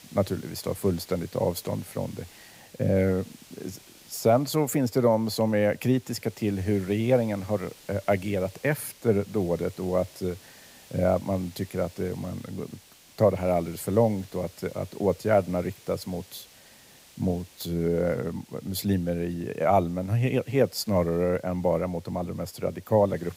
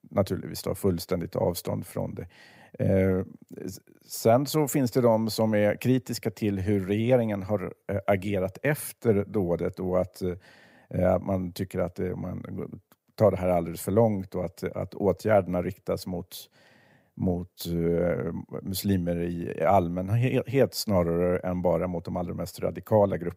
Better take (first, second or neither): second